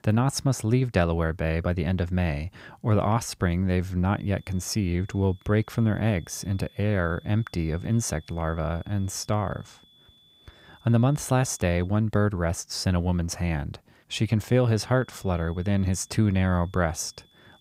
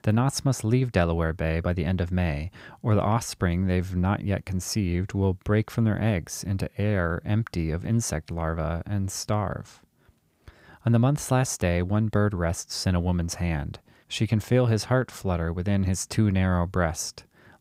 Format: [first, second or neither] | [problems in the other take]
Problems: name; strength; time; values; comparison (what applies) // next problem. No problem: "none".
second | high-pitched whine; faint; from 4 to 12 s and from 14 s on; 3.5 kHz, 30 dB below the speech